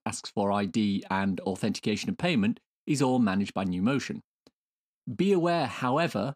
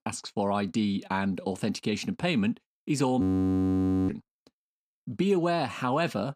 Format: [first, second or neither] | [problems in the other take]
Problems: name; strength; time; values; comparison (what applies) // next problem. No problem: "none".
first | audio freezing; at 3 s for 1 s